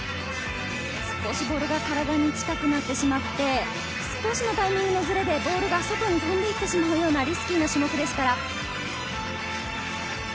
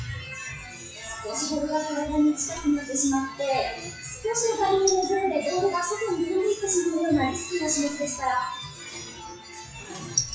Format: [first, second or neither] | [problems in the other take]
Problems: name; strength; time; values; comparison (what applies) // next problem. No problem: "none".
first | noise reduction (classical method WPE with log-MMSE)